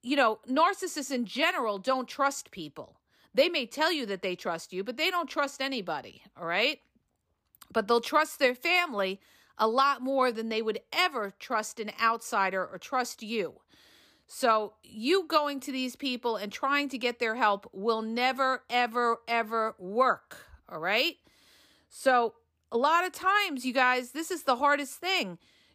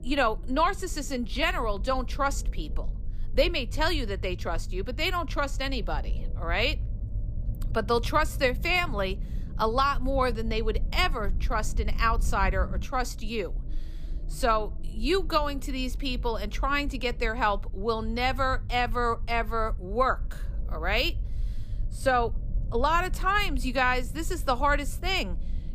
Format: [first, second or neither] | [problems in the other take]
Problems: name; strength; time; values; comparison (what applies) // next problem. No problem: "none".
first | low rumble; faint; throughout; 25 dB below the speech